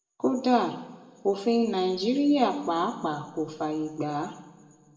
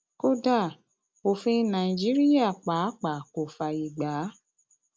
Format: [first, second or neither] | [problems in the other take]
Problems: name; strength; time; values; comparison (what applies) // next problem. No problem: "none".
second | room echo; dies away in 1.4 s